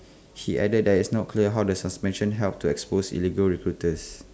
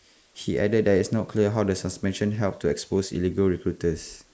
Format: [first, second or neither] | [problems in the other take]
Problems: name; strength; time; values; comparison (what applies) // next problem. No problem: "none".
first | noise reduction (neural mask model Resemble Enhance denoiser)